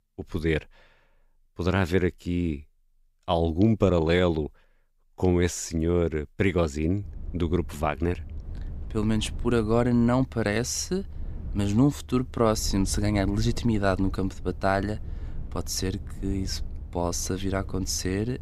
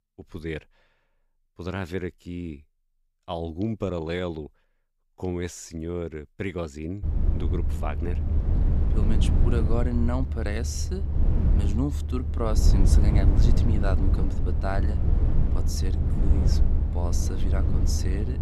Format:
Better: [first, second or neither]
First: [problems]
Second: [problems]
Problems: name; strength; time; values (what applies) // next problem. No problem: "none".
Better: first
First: low rumble; faint; from 7 s on; 25 dB below the speech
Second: low rumble; loud; from 7 s on; 4 dB below the speech